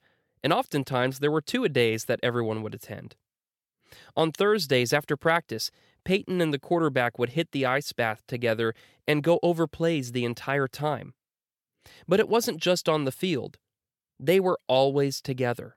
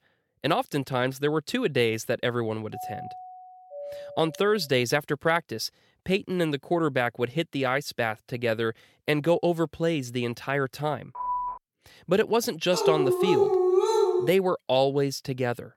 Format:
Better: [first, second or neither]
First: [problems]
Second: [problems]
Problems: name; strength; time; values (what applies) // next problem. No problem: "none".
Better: first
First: none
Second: doorbell; faint; from 2.5 to 4.5 s; peak 10 dB below the speech // phone ringing; noticeable; at 11 s; peak 3 dB below the speech // dog barking; loud; from 13 to 14 s; peak 5 dB above the speech